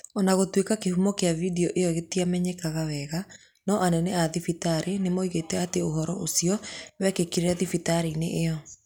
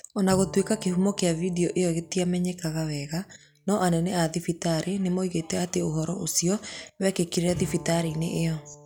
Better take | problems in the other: first | background sound (Bowed string instrument); 18 dB below the speech

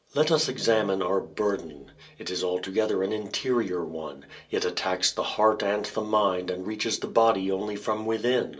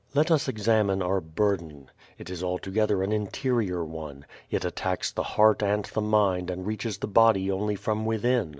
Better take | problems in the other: second | room echo; dies away in 0.2 s

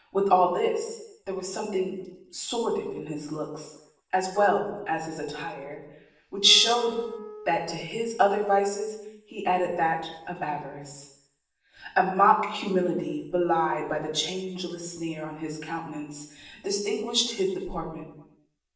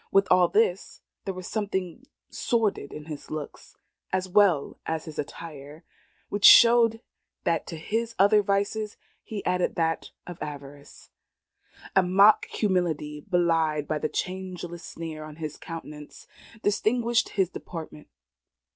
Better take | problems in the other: second | background sound (Wind instrument, woodwind instrument); 16 dB below the speech // room echo; dies away in 0.7 s

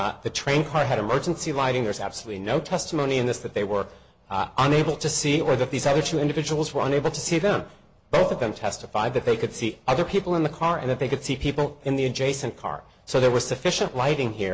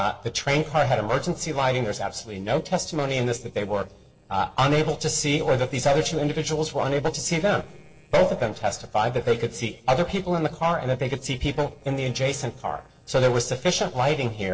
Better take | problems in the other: first | noise reduction (neural separator model SepFormer DNS4)

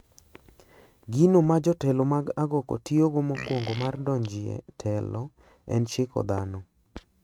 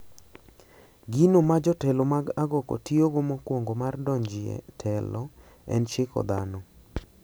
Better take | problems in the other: second | noise reduction (neural mask model RNNoise)

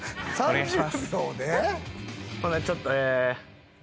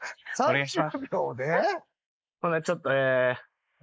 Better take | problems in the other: first | noise reduction (neural mask model Resemble Enhance denoiser)

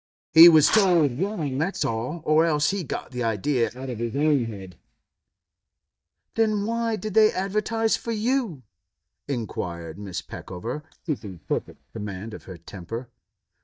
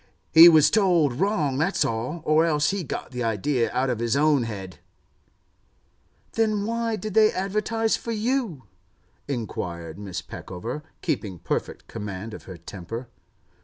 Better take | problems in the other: second | noise reduction (neural mask model DeepFilterNet 3)

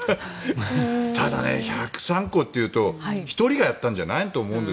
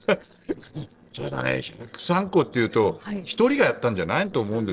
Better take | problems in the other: first | noise reduction (neural separator model SepFormer DNS4)

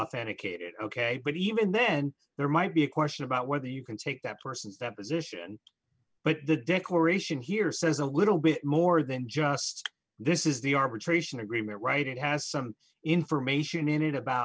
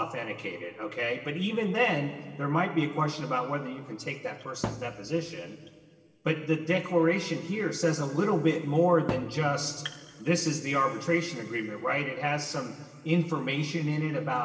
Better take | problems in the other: first | background sound (Thump, thud); 10 dB below the speech // room echo; dies away in 2.9 s

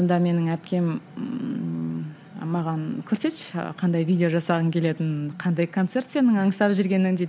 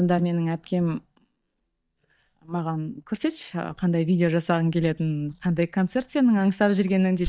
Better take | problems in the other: first | noise reduction (neural mask model DeepFilterNet 3)

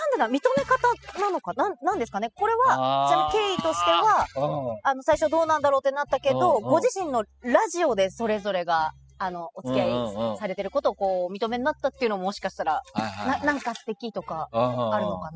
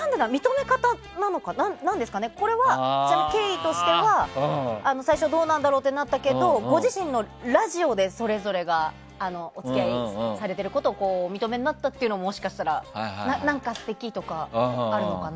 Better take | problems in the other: second | noise reduction (classical method spectral subtraction)

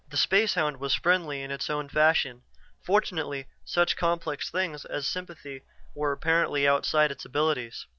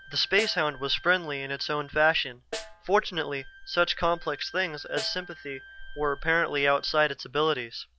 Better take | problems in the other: first | background sound (Snare drum + Wind instrument, woodwind instrument); 17 dB below the speech

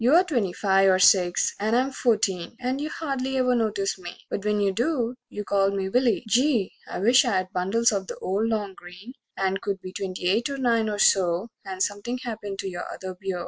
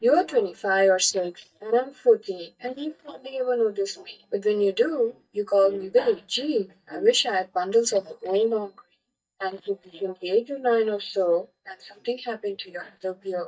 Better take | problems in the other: first | noise reduction (neural mask model DeepFilterNet 3)

